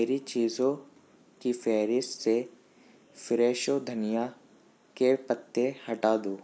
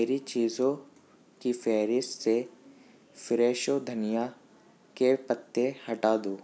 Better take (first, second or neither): second